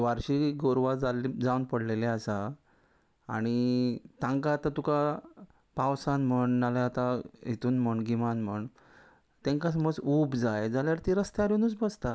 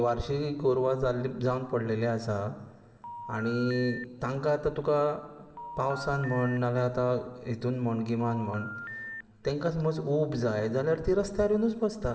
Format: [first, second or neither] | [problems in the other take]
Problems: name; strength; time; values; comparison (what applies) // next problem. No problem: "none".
first | background sound (Telephone); 12 dB below the speech // room echo; dies away in 2.7 s